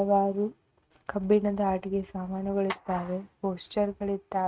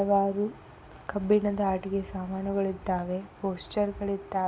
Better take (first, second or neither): second